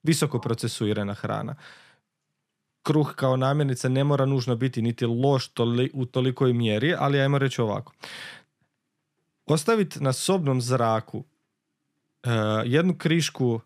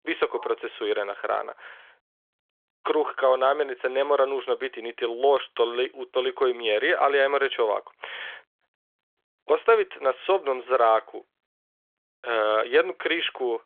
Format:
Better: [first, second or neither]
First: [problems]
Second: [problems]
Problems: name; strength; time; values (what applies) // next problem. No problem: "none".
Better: first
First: none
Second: phone-call audio; nothing above 3.5 kHz